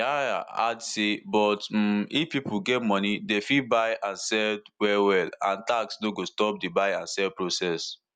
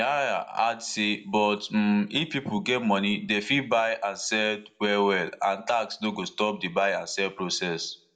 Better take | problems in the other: first | room echo; dies away in 0.3 s

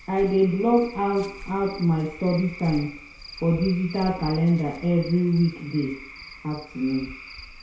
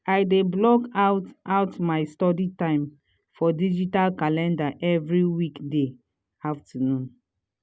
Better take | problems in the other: second | background sound (Cricket / Frog); 16 dB below the speech // room echo; dies away in 0.6 s

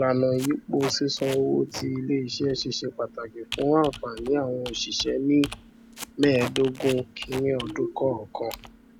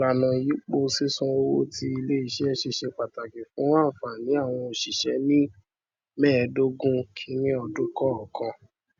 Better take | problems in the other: second | background sound (Computer keyboard + Packing tape, duct tape); 15 dB below the speech

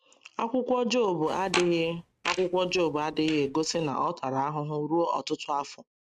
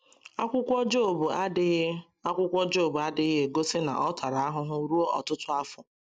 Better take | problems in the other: second | noise reduction (neural mask model RNNoise)

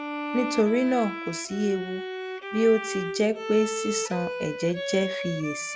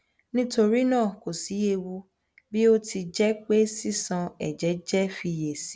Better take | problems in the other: second | background sound (Bowed string instrument); 6 dB below the speech

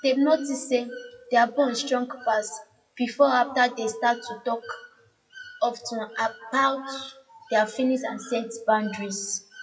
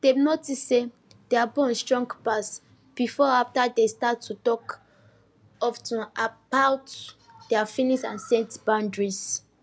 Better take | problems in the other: second | noise reduction (classical method WPE with log-MMSE)

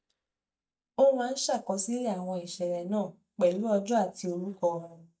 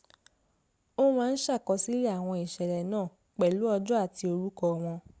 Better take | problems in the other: second | noise reduction (neural mask model DeepFilterNet 3)

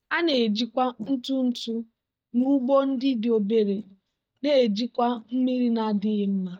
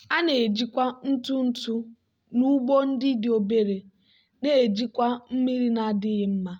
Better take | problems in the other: second | noise reduction (neural mask model DeepFilterNet 3)

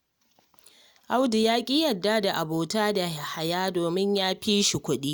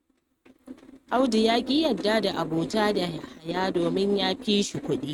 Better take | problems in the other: first | noise reduction (neural mask model RNNoise)

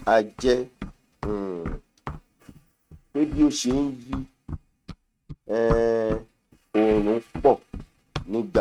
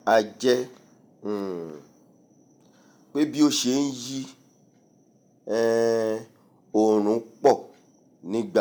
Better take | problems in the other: second | noise reduction (neural mask model RNNoise)

